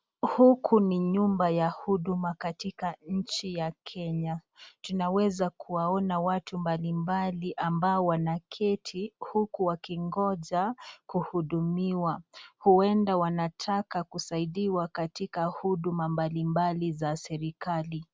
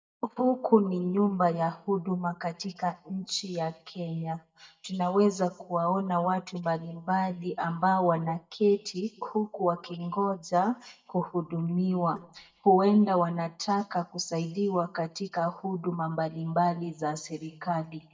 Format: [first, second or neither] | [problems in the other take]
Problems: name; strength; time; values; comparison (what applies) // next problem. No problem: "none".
first | noise reduction (neural mask model DeepFilterNet 3)